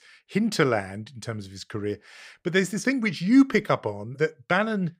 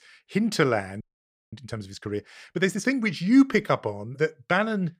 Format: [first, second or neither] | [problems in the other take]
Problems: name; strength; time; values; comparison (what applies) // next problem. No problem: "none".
first | audio freezing; at 1 s for 0.5 s